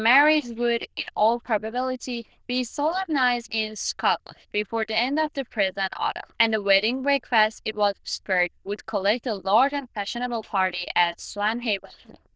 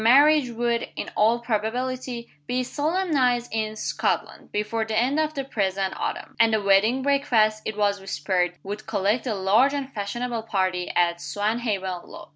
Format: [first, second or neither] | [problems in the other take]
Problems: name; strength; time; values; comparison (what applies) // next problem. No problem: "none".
second | noise reduction (neural diffusion model UNIVERSE++)